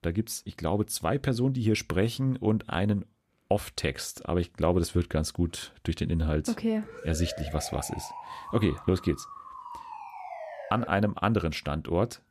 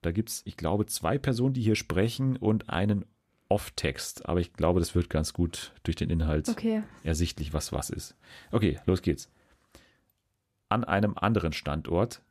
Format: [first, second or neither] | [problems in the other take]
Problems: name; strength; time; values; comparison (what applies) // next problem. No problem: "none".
second | siren; faint; from 7 to 11 s; peak 10 dB below the speech